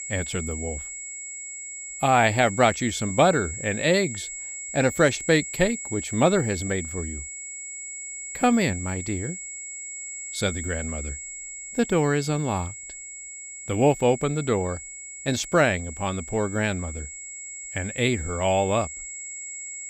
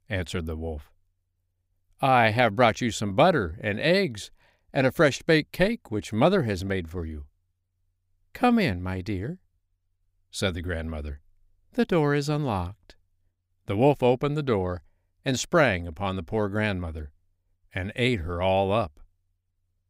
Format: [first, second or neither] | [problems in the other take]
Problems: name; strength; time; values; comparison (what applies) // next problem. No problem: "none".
second | high-pitched whine; loud; throughout; 7.5 kHz, 9 dB below the speech